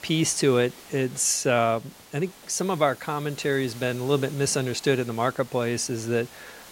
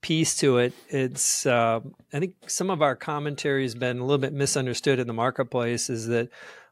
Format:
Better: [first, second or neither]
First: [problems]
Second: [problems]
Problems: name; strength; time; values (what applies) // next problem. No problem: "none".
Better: second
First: hiss; noticeable; throughout; 20 dB below the speech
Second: none